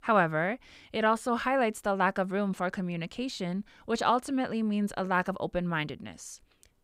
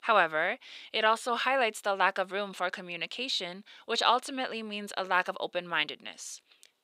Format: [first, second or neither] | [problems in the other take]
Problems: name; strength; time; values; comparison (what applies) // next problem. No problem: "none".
first | thin; somewhat; fading below 450 Hz